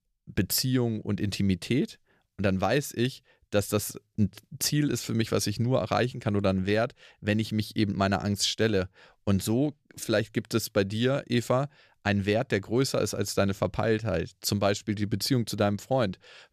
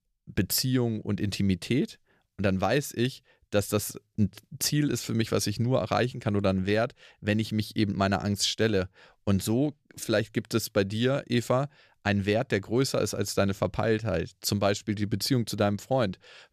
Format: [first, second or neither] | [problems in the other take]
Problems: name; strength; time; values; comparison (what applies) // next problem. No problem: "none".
neither | none